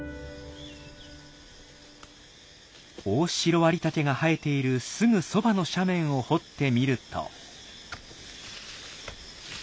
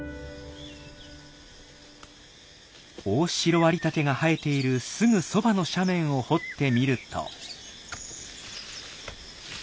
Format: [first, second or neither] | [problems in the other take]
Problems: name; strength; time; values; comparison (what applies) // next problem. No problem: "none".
first | background sound (Bird); 15 dB below the speech